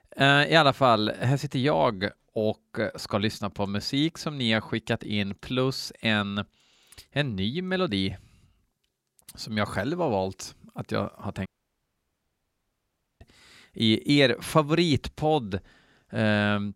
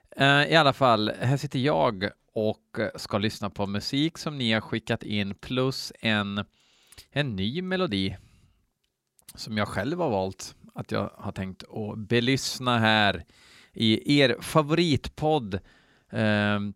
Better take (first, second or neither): second